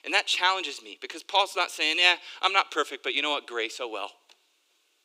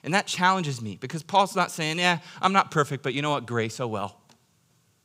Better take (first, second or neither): second